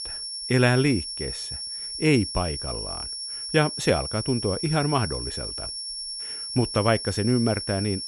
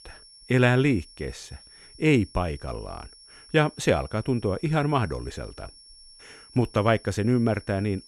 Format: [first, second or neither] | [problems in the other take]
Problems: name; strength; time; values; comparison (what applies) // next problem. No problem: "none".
second | high-pitched whine; loud; throughout; 5.5 kHz, 6 dB below the speech; faint in the second